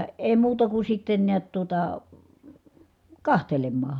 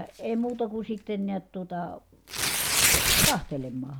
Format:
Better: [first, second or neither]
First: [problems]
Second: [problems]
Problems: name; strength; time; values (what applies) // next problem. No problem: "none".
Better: first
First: none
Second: background sound (Tearing); 4 dB above the speech